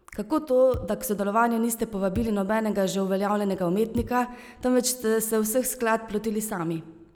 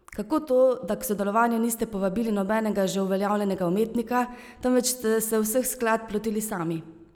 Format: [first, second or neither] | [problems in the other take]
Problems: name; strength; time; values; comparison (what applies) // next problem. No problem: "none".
second | background sound (Bass drum); 12 dB below the speech